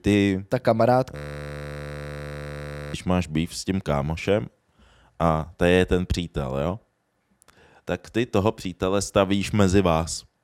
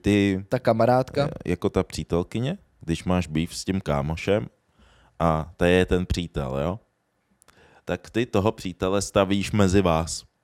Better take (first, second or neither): second